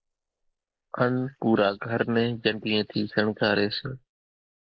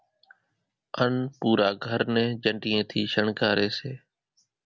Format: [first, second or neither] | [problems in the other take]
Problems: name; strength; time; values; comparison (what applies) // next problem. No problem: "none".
second | noise reduction (neural mask model Resemble Enhance denoiser)